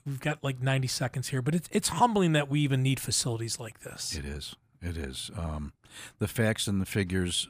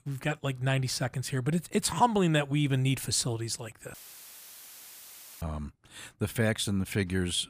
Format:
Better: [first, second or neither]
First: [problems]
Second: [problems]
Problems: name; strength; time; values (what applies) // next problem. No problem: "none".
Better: first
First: none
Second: audio cutting out; filled with static; at 4 s for 1.5 s